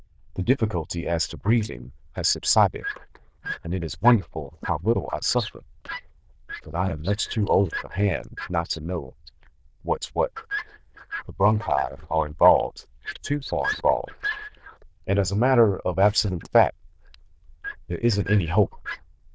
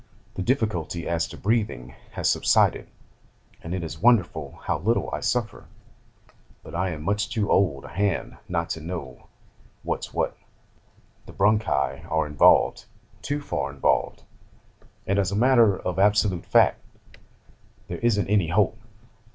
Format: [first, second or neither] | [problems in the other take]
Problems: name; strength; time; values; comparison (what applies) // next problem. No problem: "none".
second | noise reduction (neural diffusion model UNIVERSE++)